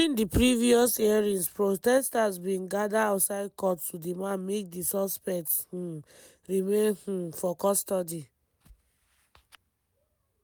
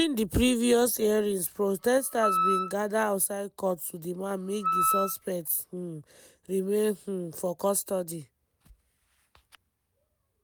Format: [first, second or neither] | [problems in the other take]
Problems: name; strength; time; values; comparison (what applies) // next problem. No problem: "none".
first | background sound (Wind instrument, woodwind instrument); 2 dB below the speech